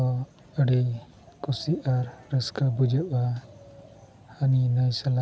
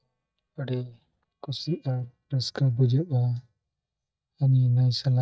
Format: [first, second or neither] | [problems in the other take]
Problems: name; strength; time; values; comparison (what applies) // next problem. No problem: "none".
first | noise reduction (neural mask model DeepFilterNet 3)